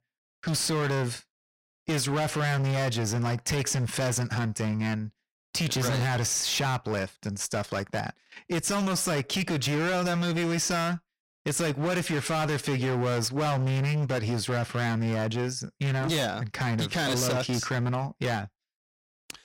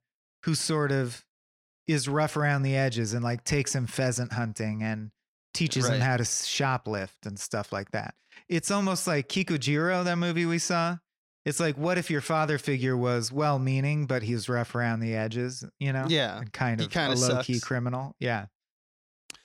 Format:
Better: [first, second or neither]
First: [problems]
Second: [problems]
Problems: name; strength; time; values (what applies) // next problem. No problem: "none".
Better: second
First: distortion; heavy; 27% of the sound clipped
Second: none